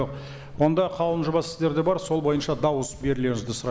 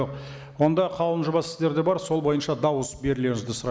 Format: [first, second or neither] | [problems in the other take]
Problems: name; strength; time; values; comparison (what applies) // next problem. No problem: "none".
second | background sound (Walk, footsteps); 17 dB below the speech